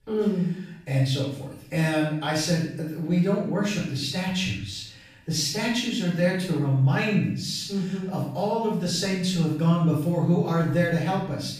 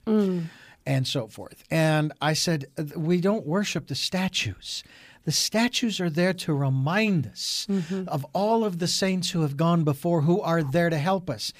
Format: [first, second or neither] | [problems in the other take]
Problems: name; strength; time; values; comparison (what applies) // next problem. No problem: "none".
second | off-mic speech; far // room echo; noticeable; dies away in 0.6 s